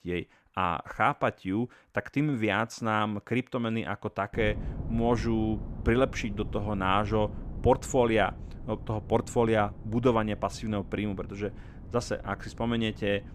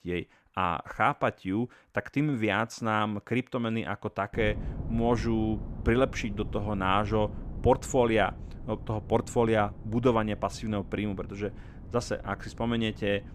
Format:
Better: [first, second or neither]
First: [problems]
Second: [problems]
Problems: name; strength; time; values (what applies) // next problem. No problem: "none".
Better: neither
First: wind noise on the microphone; occasional gusts; from 4.5 s on; 20 dB below the speech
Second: wind noise on the microphone; occasional gusts; from 4.5 s on; 20 dB below the speech